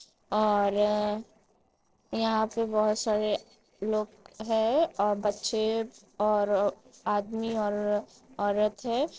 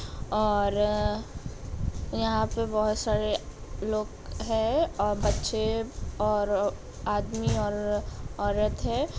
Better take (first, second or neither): second